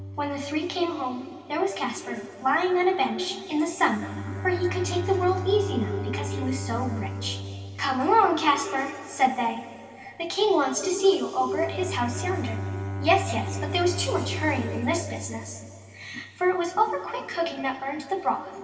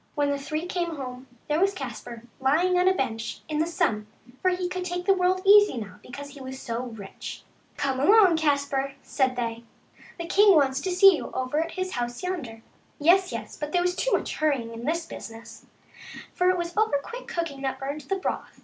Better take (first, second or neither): second